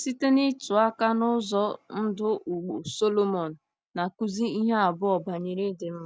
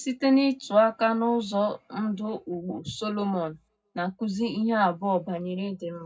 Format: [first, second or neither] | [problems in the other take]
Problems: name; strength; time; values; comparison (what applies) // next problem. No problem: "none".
first | room echo; dies away in 0.3 s